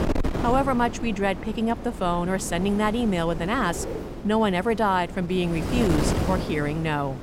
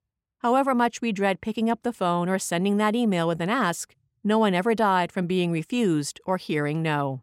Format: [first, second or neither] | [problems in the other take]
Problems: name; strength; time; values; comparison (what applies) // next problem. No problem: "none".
second | wind noise on the microphone; heavy; 9 dB below the speech